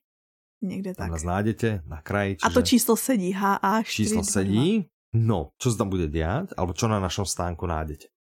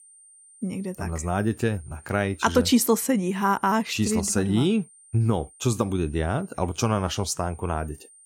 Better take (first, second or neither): first